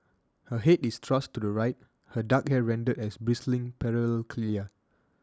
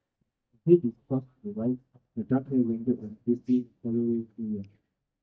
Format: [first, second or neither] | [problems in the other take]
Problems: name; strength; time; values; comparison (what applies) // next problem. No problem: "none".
first | noise reduction (neural mask model DeepFilterNet 3)